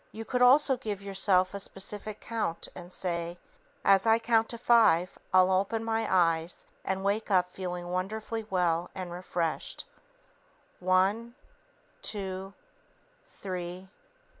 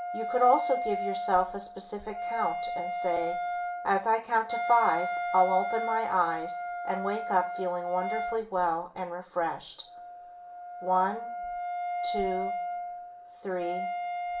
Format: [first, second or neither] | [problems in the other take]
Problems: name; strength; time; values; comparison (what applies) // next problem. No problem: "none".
first | background sound (Wind instrument, woodwind instrument); 4 dB below the speech // room echo; dies away in 0.3 s